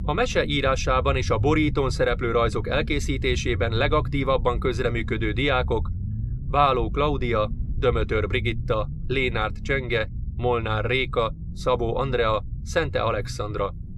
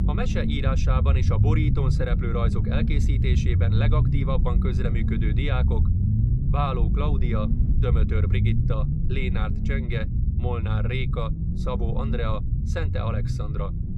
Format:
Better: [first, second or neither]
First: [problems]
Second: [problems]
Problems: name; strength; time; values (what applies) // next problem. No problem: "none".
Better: first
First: low rumble; faint; throughout; 20 dB below the speech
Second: low rumble; loud; throughout; 4 dB below the speech